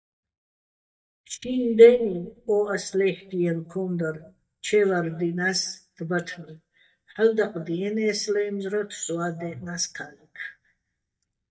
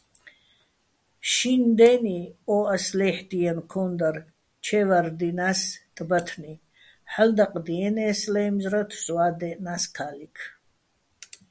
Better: second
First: noise reduction (neural mask model DeepFilterNet 3)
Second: none

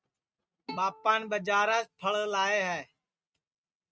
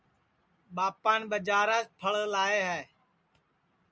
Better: second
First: noise reduction (neural mask model RNNoise)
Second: none

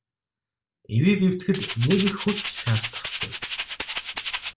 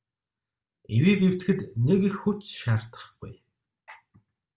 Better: second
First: background sound (Rattle (instrument)); 6 dB below the speech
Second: none

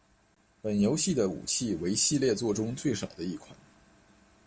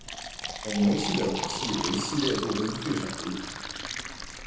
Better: first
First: none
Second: background sound (Fill (with liquid)); 4 dB below the speech // room echo; dies away in 0.8 s

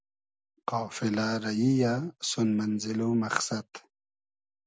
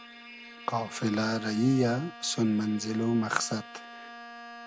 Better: first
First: none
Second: background sound (Bowed string instrument); 16 dB below the speech

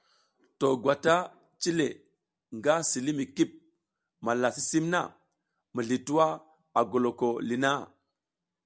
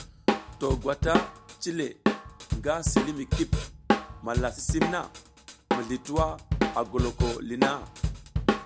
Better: first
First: none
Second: background sound (Drum kit); 3 dB above the speech

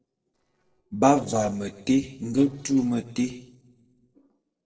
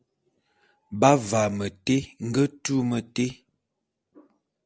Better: second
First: noise reduction (neural separator model SepFormer DNS4)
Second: none

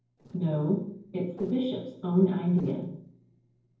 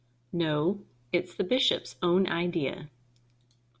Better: second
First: noise reduction (neural separator model SepFormer DNS4)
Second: none

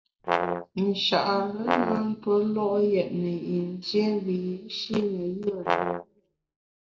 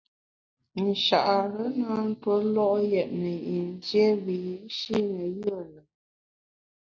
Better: second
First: background sound (Brass instrument); 2 dB below the speech // room echo; dies away in 0.6 s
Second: none

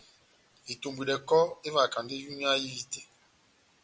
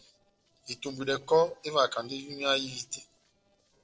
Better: first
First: none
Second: noise reduction (neural separator model SepFormer DNS4)

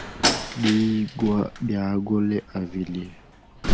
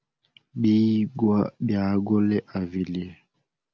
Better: second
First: background sound (Slam); 4 dB below the speech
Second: none

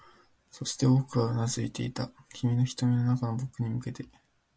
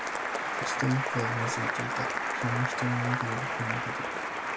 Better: first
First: none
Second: background sound (Applause); 2 dB above the speech

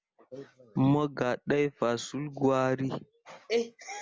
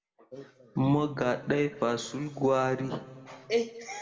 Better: first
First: none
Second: room echo; dies away in 1.5 s

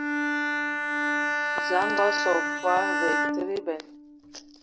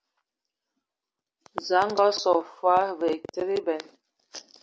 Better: second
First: background sound (Bowed string instrument); 2 dB above the speech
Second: none

